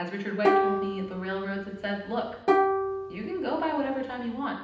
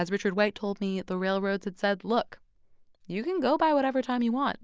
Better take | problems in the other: second | background sound (Plucked string instrument); 3 dB above the speech // room echo; dies away in 0.9 s

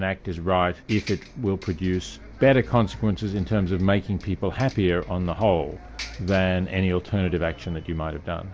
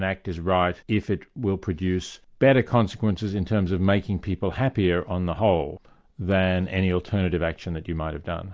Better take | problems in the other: second | background sound (Bus); 18 dB below the speech

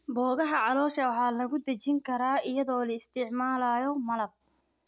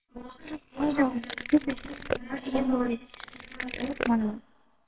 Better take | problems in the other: first | noise reduction (neural separator model SepFormer WHAMR!)

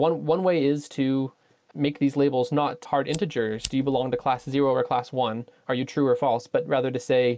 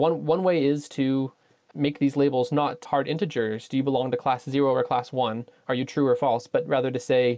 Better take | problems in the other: second | background sound (Fire); 18 dB below the speech

